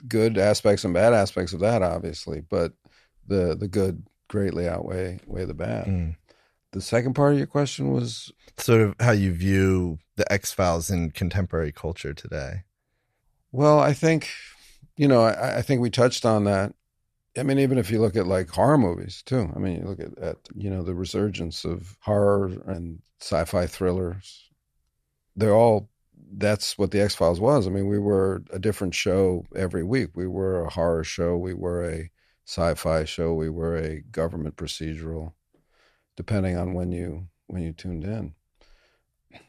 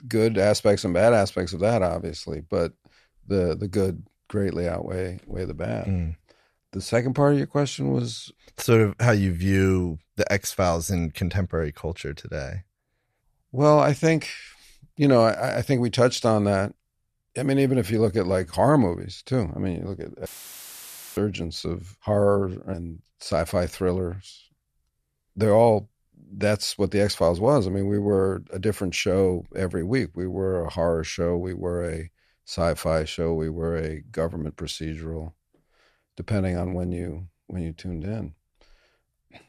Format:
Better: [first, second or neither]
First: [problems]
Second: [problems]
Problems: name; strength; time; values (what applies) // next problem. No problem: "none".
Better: first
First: none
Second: audio cutting out; filled with static; at 20 s for 1 s